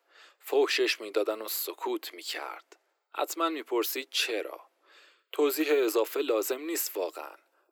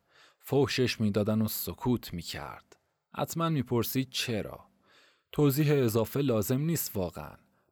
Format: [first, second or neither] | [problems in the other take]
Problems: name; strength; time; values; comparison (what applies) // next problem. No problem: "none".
second | thin; very; fading below 300 Hz